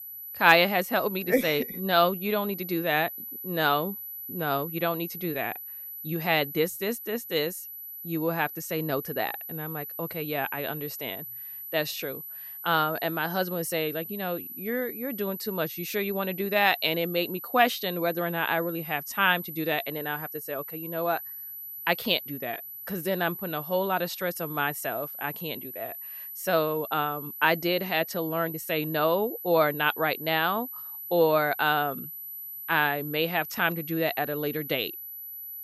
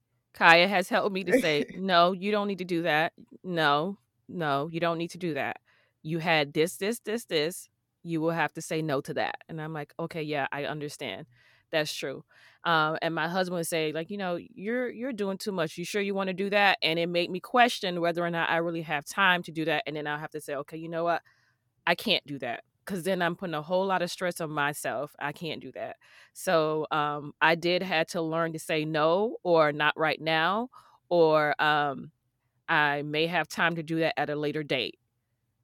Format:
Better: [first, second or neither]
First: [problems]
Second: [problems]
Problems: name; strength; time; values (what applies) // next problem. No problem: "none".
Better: second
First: high-pitched whine; loud; throughout; 12 kHz, 9 dB below the speech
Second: none